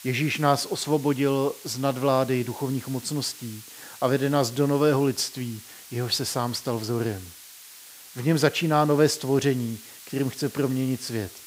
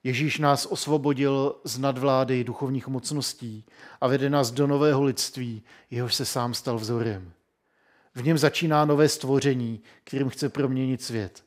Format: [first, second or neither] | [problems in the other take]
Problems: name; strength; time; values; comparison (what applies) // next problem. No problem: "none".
second | hiss; noticeable; throughout; 15 dB below the speech